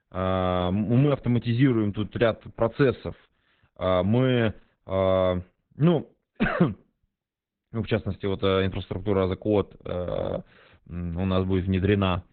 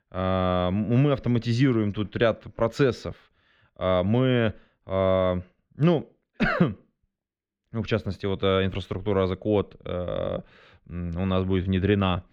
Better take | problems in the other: second | garbled, watery; badly; nothing above 3.5 kHz

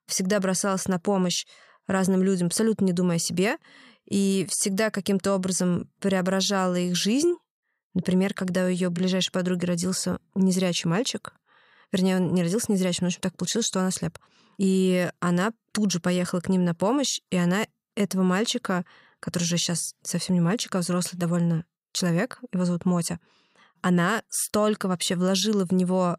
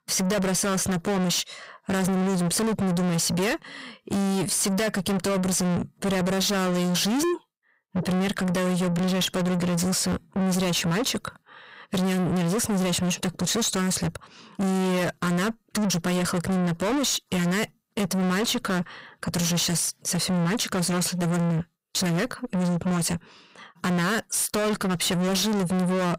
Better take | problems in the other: first | distortion; heavy; 6 dB below the speech

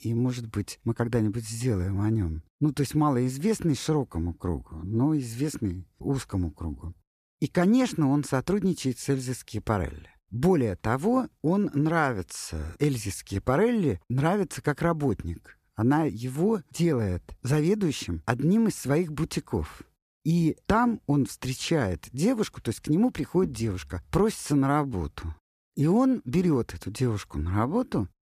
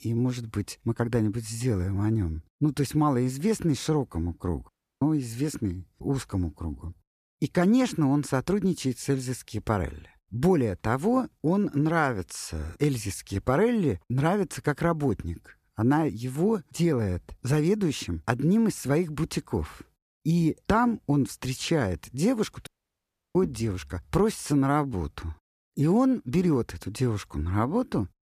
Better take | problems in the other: first | audio cutting out; at 4.5 s and at 23 s for 0.5 s

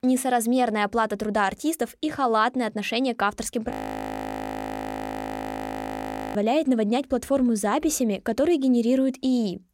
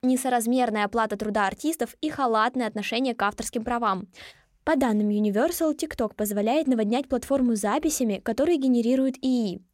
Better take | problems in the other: second | audio freezing; at 3.5 s for 2.5 s

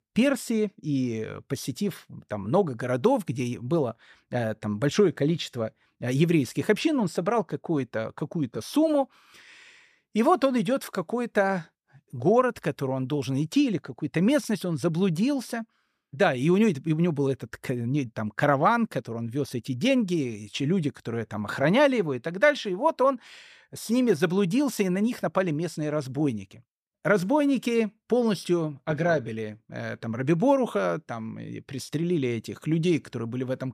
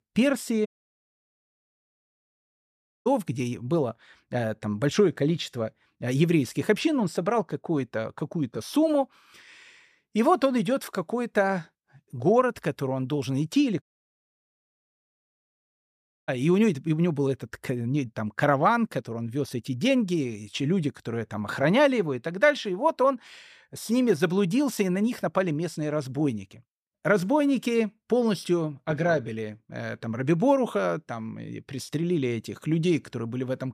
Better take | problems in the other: first | audio cutting out; at 0.5 s for 2.5 s and at 14 s for 2.5 s

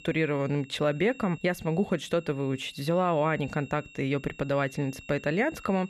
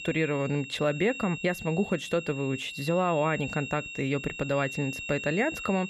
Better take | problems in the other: first | high-pitched whine; loud; throughout; 2.5 kHz, 8 dB below the speech; faint in the first

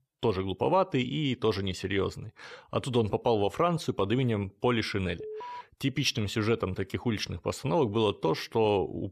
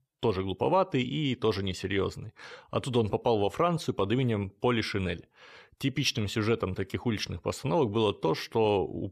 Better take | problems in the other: second | alarm; faint; at 5 s; peak 10 dB below the speech

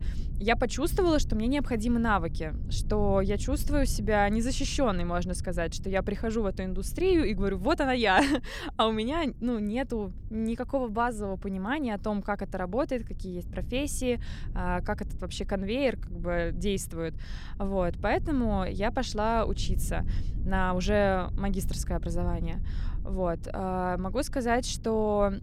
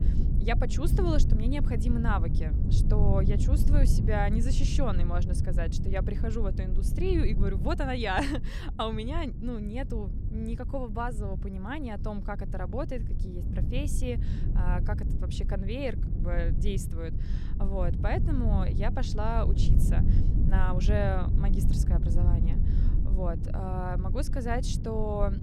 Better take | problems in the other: first | low rumble; loud; throughout; 8 dB below the speech; faint in the first

